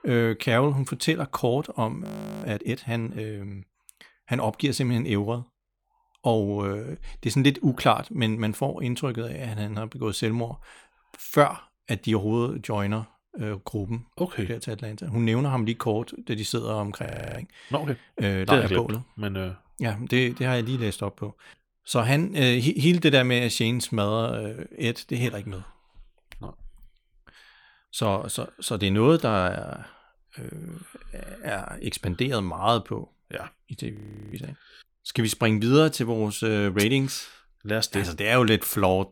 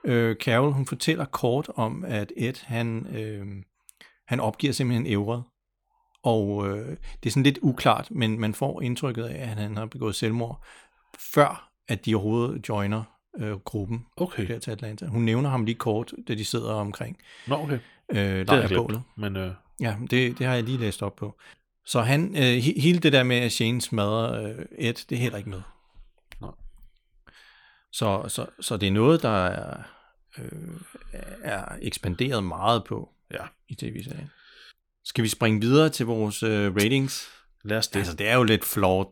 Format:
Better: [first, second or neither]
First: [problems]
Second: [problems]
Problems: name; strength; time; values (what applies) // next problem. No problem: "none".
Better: second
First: audio freezing; at 2 s, at 17 s and at 34 s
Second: none